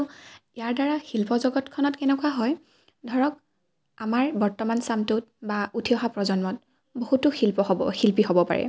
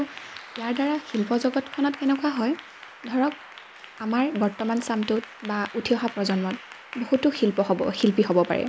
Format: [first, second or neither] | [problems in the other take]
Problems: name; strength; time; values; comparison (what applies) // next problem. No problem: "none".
first | background sound (Applause / Clapping); 17 dB below the speech